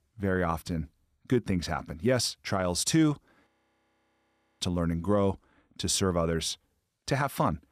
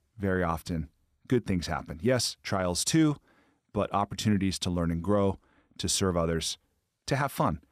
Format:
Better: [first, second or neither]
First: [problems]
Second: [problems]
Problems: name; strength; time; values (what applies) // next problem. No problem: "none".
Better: second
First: audio freezing; at 3.5 s for 1 s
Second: none